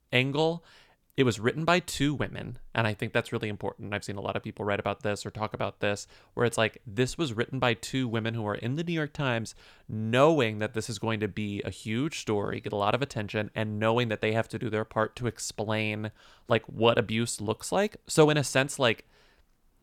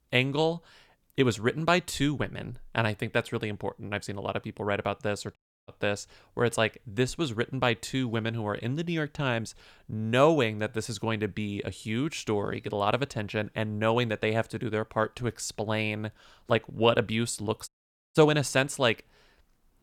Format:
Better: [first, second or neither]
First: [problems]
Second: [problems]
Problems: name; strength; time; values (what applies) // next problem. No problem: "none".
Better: first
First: none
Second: audio cutting out; at 5.5 s and at 18 s